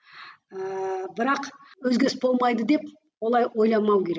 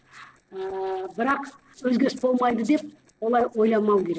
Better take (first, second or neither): first